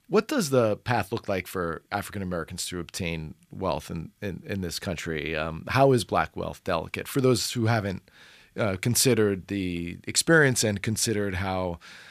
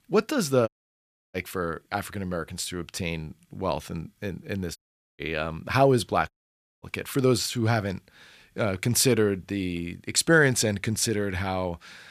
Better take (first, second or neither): first